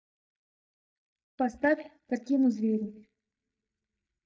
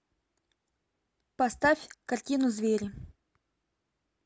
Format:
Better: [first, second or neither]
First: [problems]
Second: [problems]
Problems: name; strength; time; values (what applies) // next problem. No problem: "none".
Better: second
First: noise reduction (neural mask model DeepFilterNet 3)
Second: none